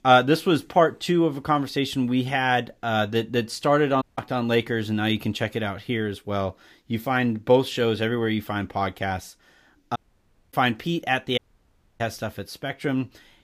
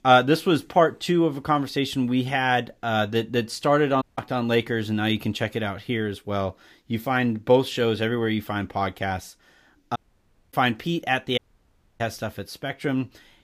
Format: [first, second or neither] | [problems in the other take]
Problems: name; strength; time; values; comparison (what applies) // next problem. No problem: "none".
neither | audio cutting out; at 4 s, at 10 s for 0.5 s and at 11 s for 0.5 s; the same in both